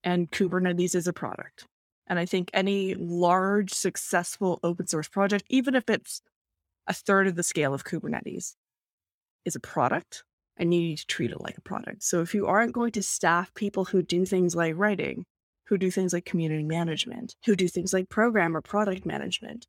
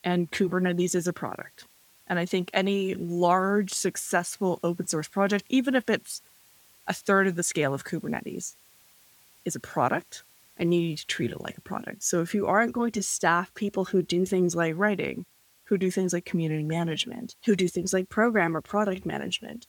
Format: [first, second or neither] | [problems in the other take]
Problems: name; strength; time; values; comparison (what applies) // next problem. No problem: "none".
first | hiss; faint; throughout; 30 dB below the speech